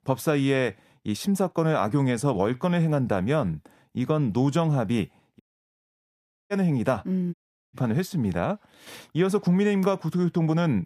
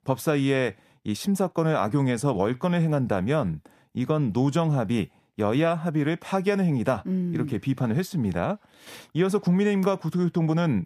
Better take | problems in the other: second | audio cutting out; at 5.5 s for 1 s and at 7.5 s

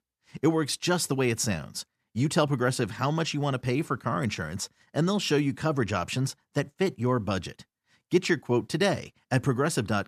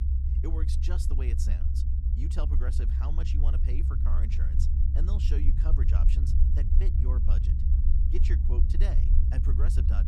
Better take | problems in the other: first | low rumble; loud; throughout; as loud as the speech

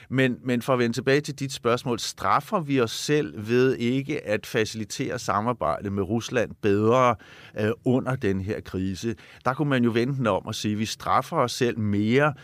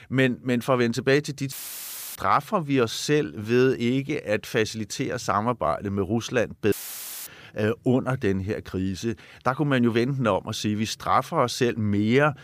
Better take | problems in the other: first | audio cutting out; filled with static; at 1.5 s for 0.5 s and at 6.5 s for 0.5 s

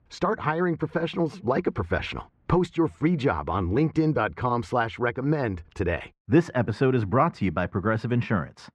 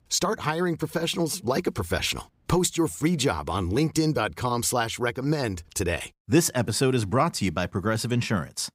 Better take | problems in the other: second | muffled; very; fading above 1.5 kHz

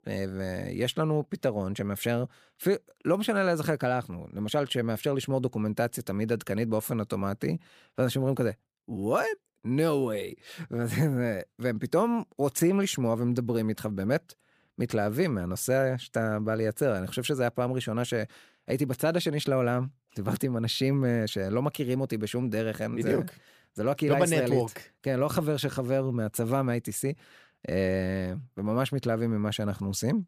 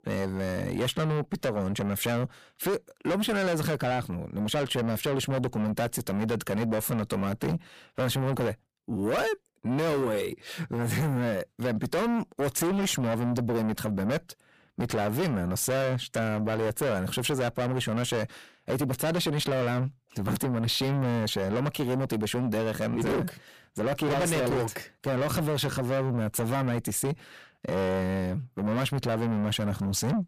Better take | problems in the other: first | distortion; heavy; 6 dB below the speech

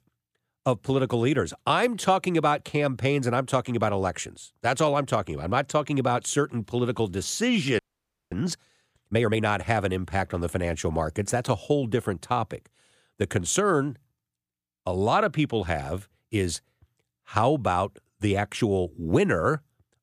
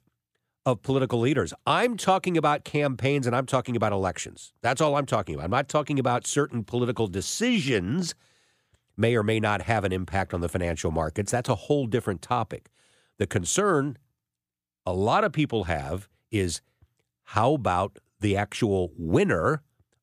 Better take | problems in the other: second | audio freezing; at 8 s for 0.5 s

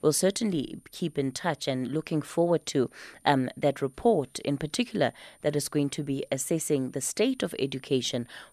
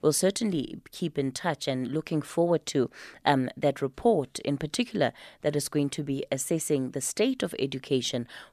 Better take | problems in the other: second | high-pitched whine; faint; throughout; 9 kHz, 30 dB below the speech

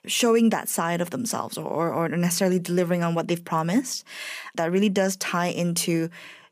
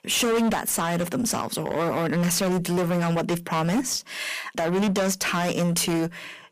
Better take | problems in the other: first | distortion; heavy; 22% of the sound clipped

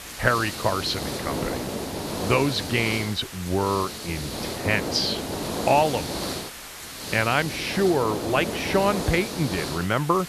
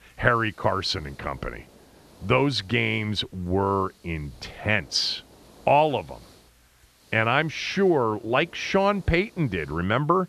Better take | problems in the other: second | hiss; loud; throughout; 6 dB below the speech; faint in the second

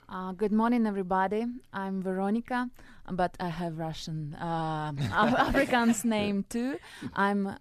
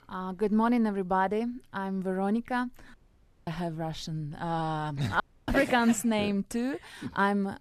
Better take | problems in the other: first | audio cutting out; at 3 s for 0.5 s and at 5 s

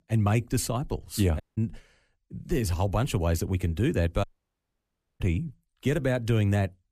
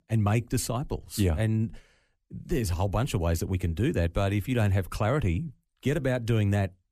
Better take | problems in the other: second | audio cutting out; at 1.5 s and at 4 s for 1 s

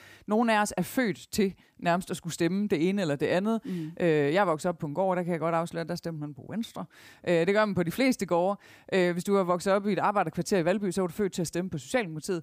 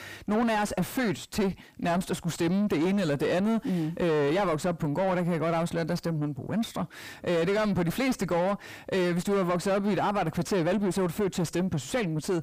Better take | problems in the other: first | distortion; heavy; 6 dB below the speech

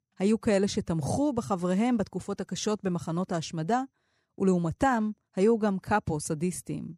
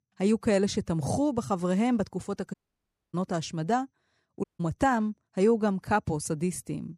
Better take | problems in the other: first | audio cutting out; at 2.5 s for 0.5 s and at 4.5 s

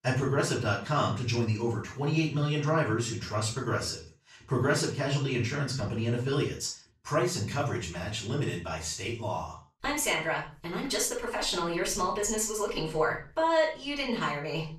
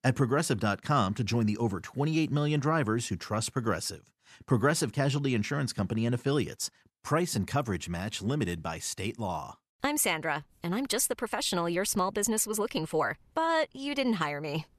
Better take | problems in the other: second | room echo; noticeable; dies away in 0.3 s // off-mic speech; far

